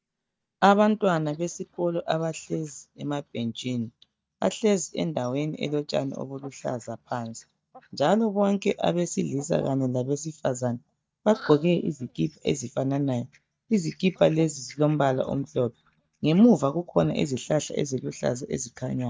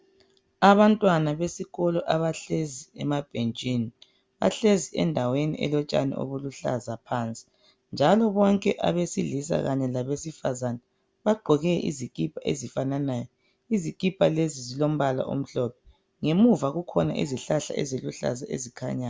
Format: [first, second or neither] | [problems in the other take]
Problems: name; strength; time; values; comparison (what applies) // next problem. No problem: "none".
second | noise reduction (neural mask model DeepFilterNet 3)